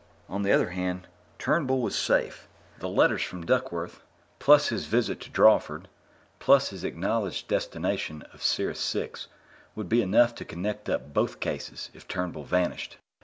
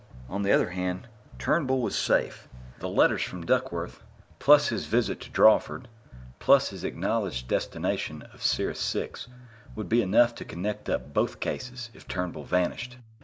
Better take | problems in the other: first | background sound (Bass guitar); 20 dB below the speech

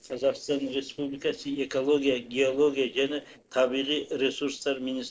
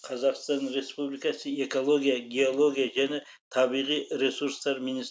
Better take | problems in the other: second | noise reduction (neural separator model SepFormer DNS4)

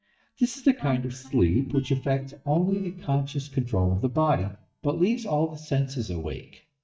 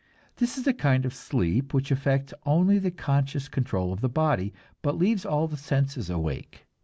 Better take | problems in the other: second | noise reduction (neural mask model DeepFilterNet 3)

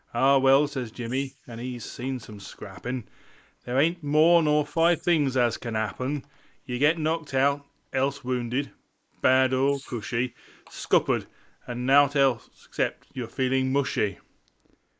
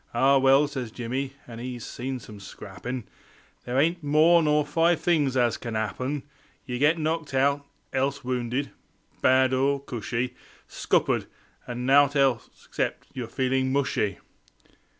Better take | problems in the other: second | noise reduction (neural mask model Resemble Enhance denoiser)

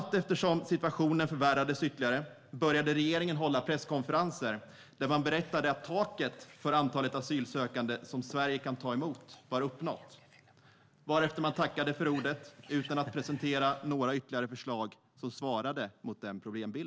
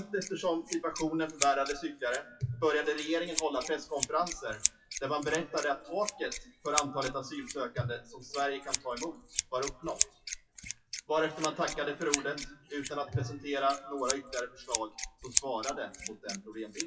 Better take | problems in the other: first | noise reduction (classical method WPE with log-MMSE)

